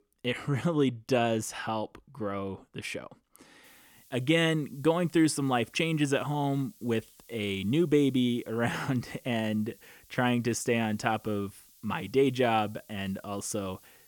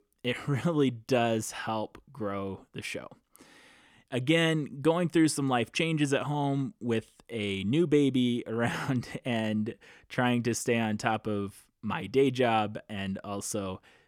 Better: second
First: hiss; faint; from 3.5 s on; 25 dB below the speech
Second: none

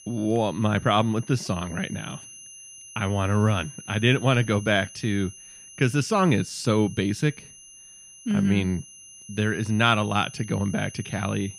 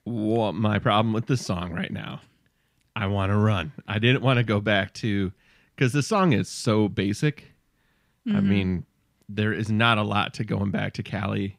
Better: second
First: high-pitched whine; noticeable; throughout; 6 kHz, 20 dB below the speech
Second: none

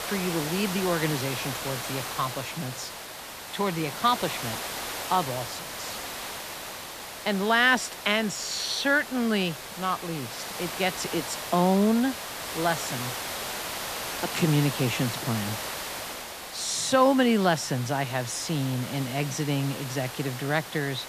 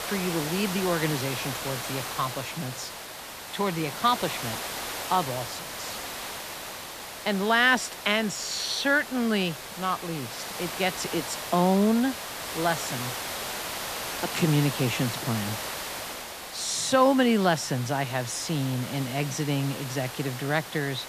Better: neither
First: hiss; loud; throughout; 7 dB below the speech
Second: hiss; loud; throughout; 7 dB below the speech

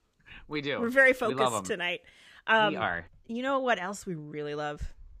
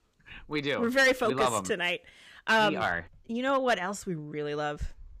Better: first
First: none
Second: distortion; slight; 3% of the sound clipped

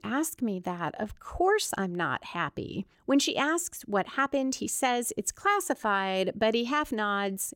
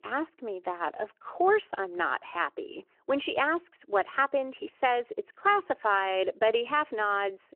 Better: first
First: none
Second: phone-call audio

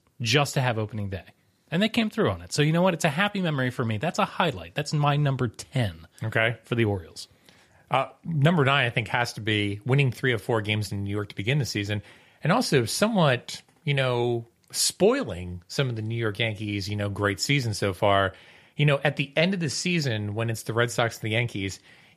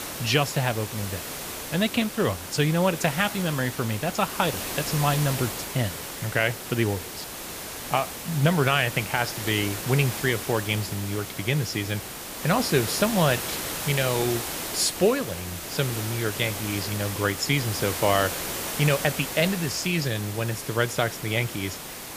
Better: first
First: none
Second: hiss; loud; throughout; 6 dB below the speech

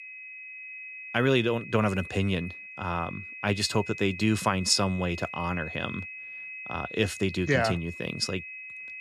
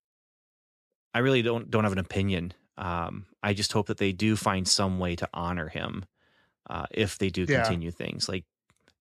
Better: second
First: high-pitched whine; noticeable; throughout; 2.5 kHz, 10 dB below the speech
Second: none

